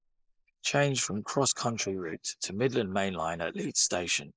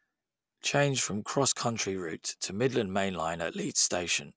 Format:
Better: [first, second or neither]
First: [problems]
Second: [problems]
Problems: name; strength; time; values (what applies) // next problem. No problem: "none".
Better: second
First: noise reduction (neural mask model Resemble Enhance denoiser)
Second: none